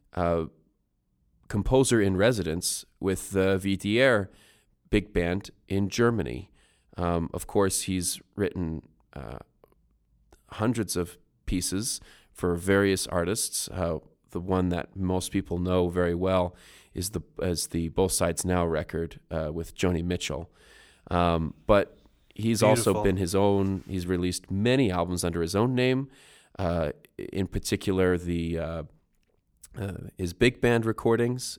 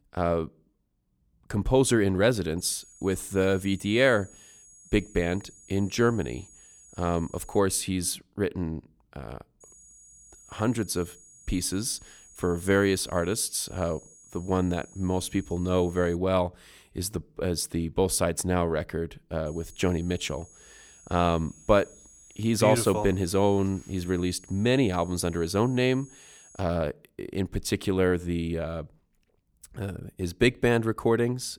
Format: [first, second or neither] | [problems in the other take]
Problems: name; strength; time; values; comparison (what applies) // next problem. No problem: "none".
first | high-pitched whine; faint; from 2.5 to 7.5 s, from 9.5 to 16 s and from 19 to 27 s; 6.5 kHz, 25 dB below the speech